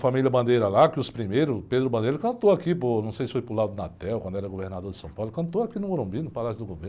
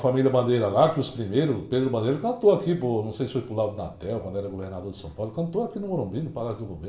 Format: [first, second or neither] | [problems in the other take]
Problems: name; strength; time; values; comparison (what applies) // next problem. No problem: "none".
first | room echo; dies away in 0.5 s